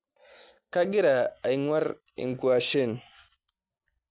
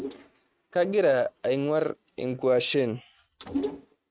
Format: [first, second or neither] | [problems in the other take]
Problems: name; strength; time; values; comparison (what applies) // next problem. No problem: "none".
first | noise reduction (neural mask model RNNoise)